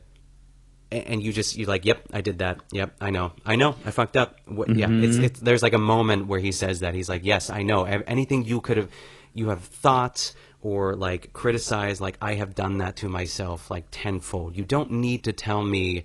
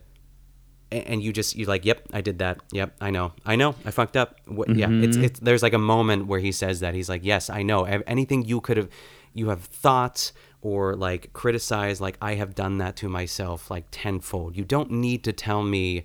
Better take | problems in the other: second | garbled, watery; slightly; nothing above 10.5 kHz

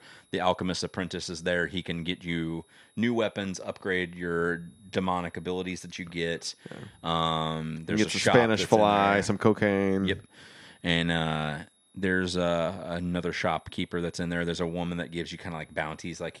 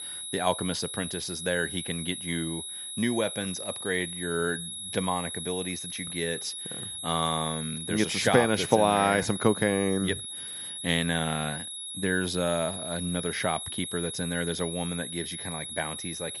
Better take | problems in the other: first | high-pitched whine; loud; throughout; 4 kHz, 6 dB below the speech; faint in the first

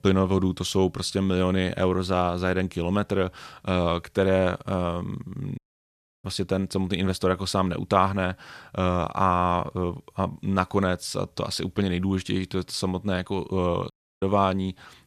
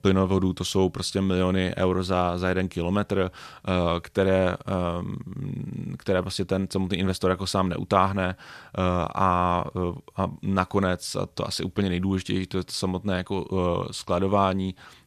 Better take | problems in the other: second | audio cutting out; at 5.5 s for 0.5 s and at 14 s

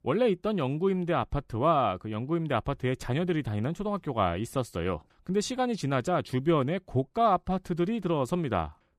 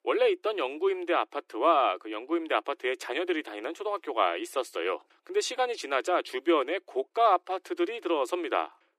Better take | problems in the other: first | thin; very; fading below 300 Hz

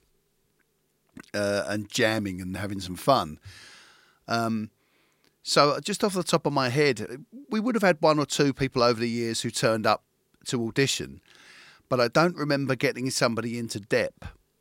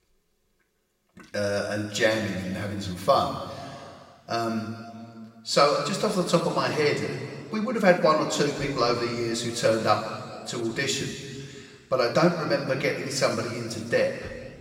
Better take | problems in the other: first | room echo; noticeable; dies away in 2 s // off-mic speech; somewhat distant

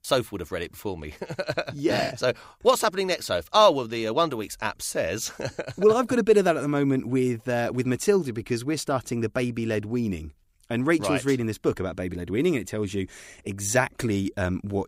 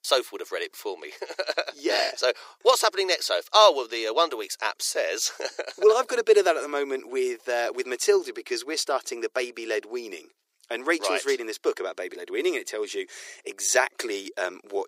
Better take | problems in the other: first | thin; very; fading below 350 Hz

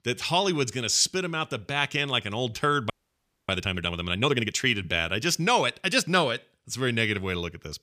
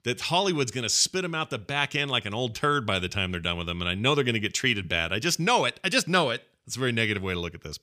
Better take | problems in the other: second | audio freezing; at 3 s for 0.5 s

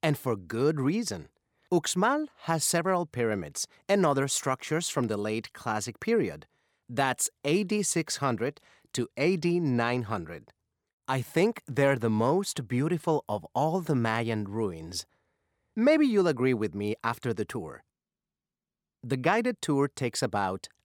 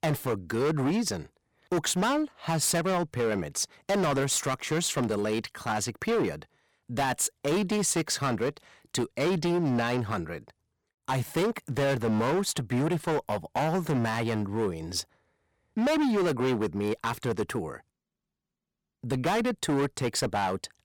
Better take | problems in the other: first | distortion; heavy; 16% of the sound clipped

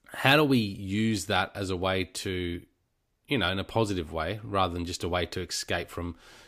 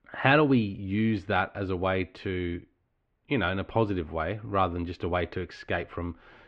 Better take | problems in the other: first | muffled; very; fading above 2.5 kHz

